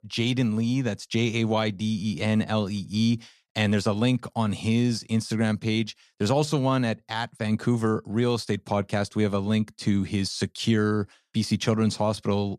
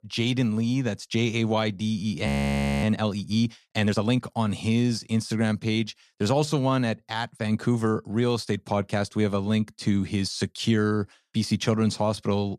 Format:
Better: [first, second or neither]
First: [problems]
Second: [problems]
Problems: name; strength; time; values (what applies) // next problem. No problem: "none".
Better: first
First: none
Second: audio freezing; at 2.5 s for 0.5 s